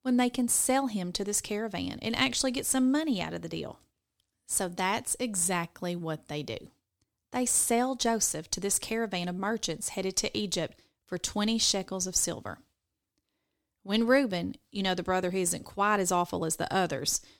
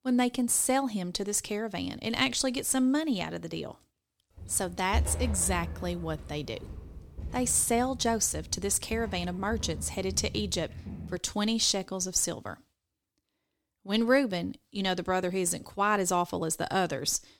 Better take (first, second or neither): first